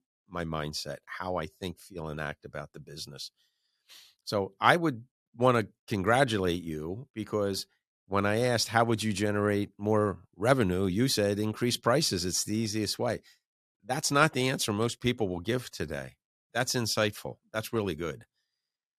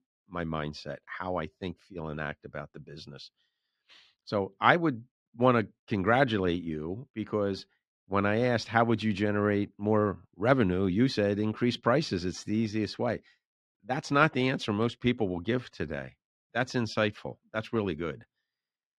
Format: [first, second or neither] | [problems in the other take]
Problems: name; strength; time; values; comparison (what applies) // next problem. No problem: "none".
first | muffled; slightly; fading above 2.5 kHz